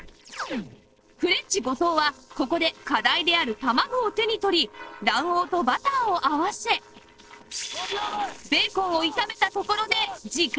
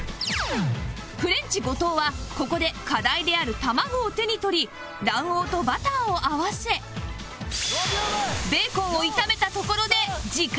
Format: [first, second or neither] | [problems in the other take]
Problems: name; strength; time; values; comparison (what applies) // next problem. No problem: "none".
second | noise reduction (neural separator model SepFormer DNS4)